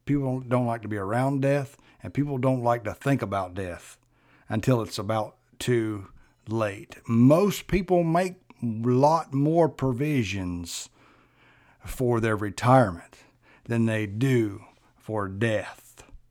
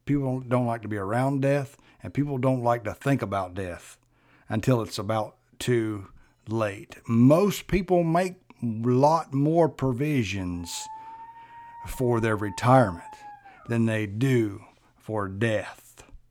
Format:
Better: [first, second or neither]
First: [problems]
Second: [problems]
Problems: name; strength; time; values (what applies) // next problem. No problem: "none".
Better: first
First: none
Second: dog barking; faint; from 11 to 14 s; peak 15 dB below the speech